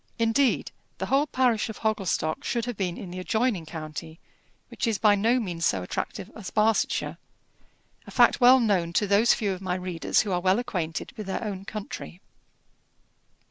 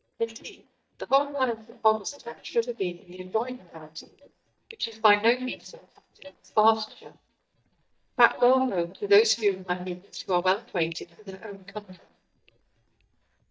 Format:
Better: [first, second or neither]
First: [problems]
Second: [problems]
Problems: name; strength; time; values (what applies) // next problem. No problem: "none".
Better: first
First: none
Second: noise reduction (neural mask model DeepFilterNet 3)